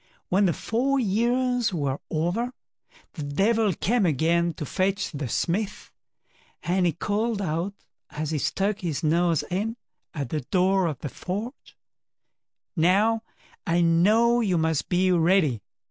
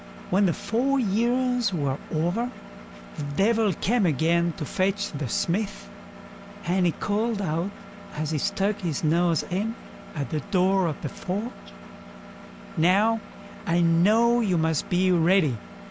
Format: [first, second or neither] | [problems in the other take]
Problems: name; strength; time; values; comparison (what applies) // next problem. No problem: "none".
first | background sound (Engine); 16 dB below the speech